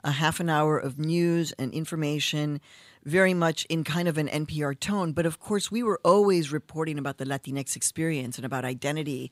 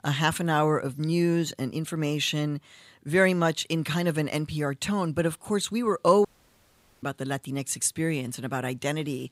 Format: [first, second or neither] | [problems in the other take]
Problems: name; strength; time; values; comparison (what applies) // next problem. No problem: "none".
first | audio cutting out; at 6.5 s for 1 s